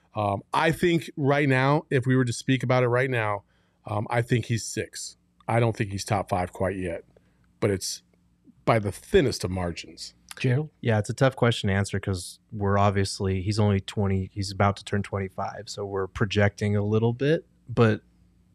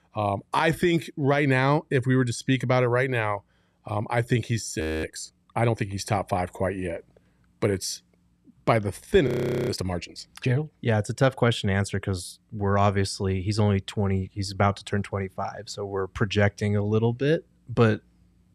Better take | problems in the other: first | audio freezing; at 5 s and at 9.5 s

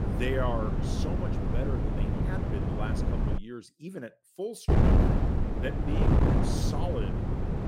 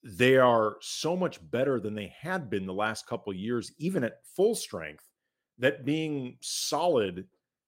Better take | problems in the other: second | wind noise on the microphone; heavy; until 3.5 s and from 4.5 s on; 3 dB above the speech

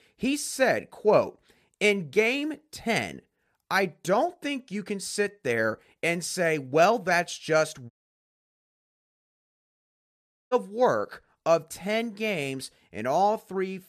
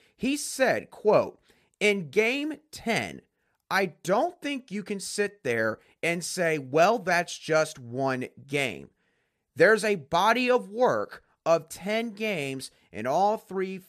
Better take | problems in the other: second | audio cutting out; at 8 s for 2.5 s

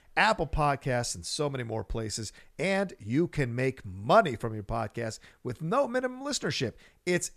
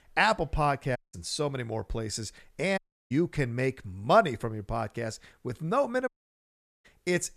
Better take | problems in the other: first | audio cutting out; at 1 s, at 3 s and at 6 s for 1 s

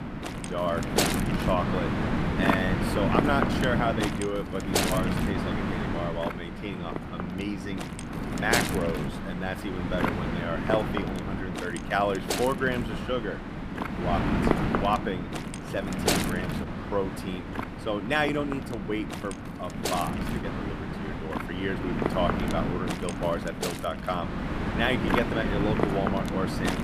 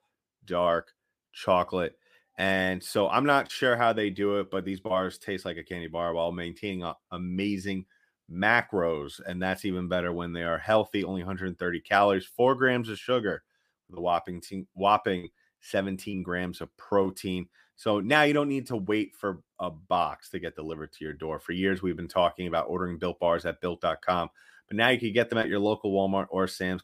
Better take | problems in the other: second | wind noise on the microphone; heavy; 1 dB below the speech

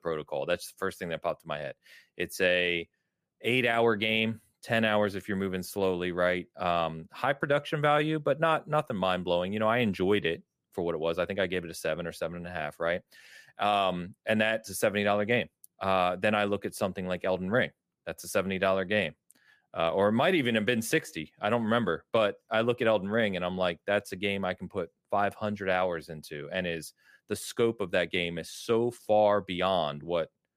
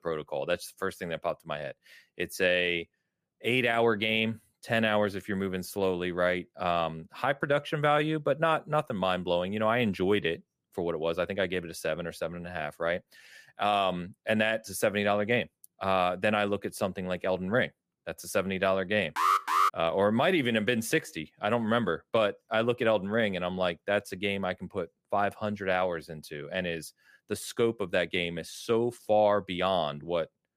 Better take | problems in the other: first | alarm; loud; at 19 s; peak 4 dB above the speech

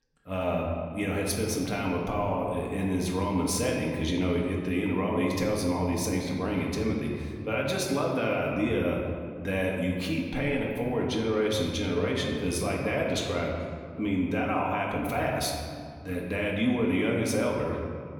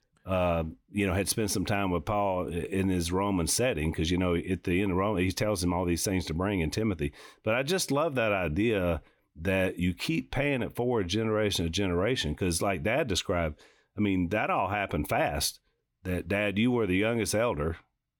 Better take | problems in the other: second | room echo; noticeable; dies away in 1.9 s // off-mic speech; somewhat distant

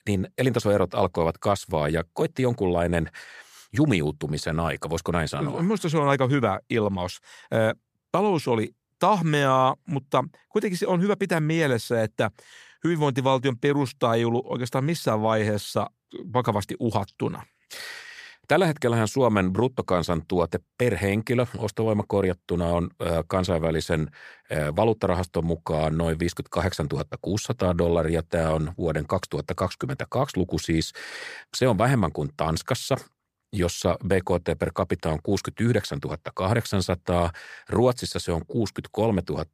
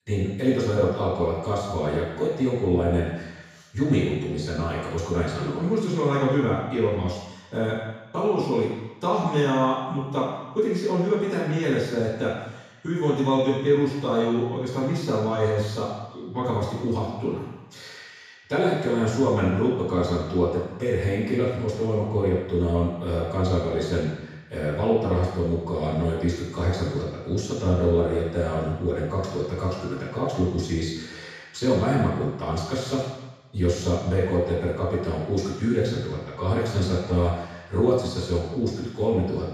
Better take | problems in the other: first | room echo; strong; dies away in 1.1 s // off-mic speech; far

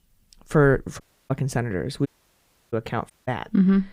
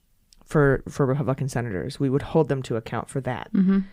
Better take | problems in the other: second | audio cutting out; at 1 s, at 2 s for 0.5 s and at 3 s

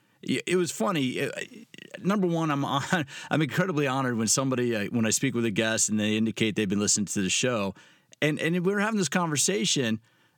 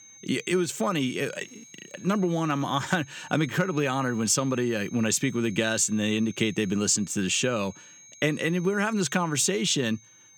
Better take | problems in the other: first | high-pitched whine; faint; throughout; 6.5 kHz, 20 dB below the speech

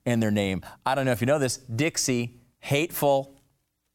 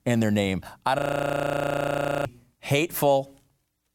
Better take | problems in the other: first | audio freezing; at 1 s for 1.5 s

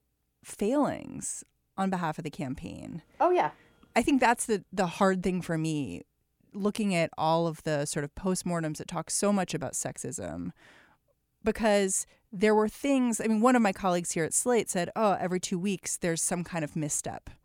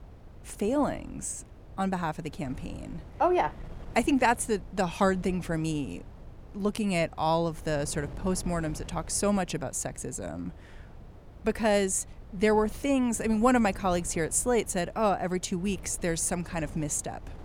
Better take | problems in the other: first | wind noise on the microphone; occasional gusts; 25 dB below the speech

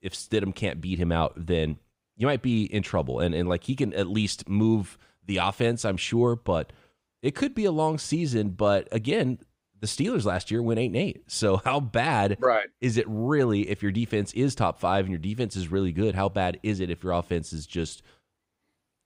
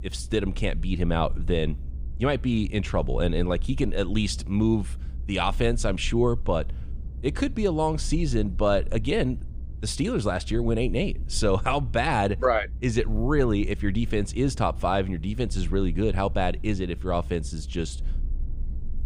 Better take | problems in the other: first | low rumble; faint; throughout; 25 dB below the speech

